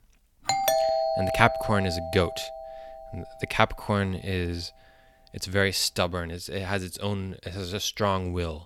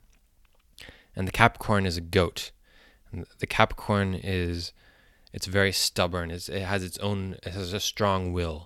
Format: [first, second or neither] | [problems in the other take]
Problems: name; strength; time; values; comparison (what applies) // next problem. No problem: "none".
second | doorbell; loud; until 2.5 s; peak 4 dB above the speech